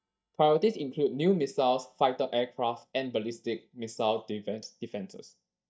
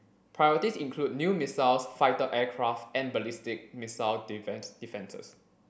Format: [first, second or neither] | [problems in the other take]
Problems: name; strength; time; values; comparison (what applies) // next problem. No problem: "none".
second | noise reduction (neural mask model DeepFilterNet 3)